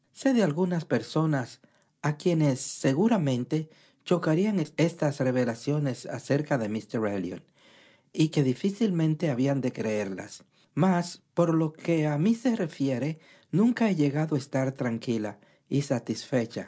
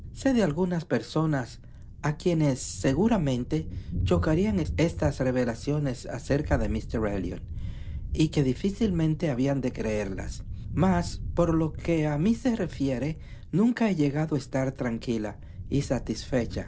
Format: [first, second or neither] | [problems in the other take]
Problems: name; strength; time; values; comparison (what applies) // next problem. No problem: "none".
first | background sound (Thunder); 9 dB below the speech